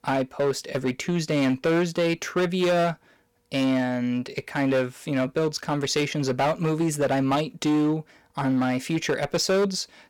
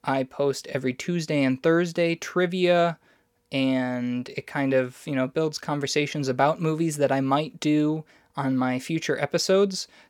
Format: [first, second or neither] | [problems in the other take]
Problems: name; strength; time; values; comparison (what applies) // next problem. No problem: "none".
second | distortion; slight; 12% of the sound clipped